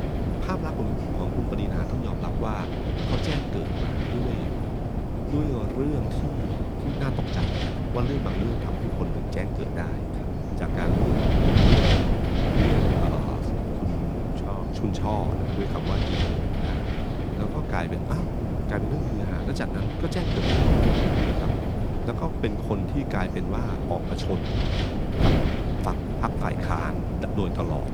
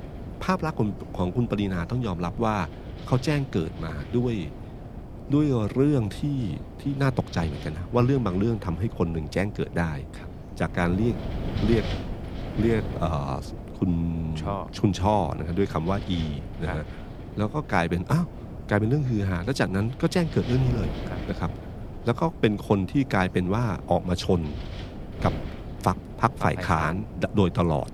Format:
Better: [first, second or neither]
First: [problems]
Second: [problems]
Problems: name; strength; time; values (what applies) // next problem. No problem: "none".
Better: second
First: wind noise on the microphone; heavy; 3 dB above the speech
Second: wind noise on the microphone; occasional gusts; 15 dB below the speech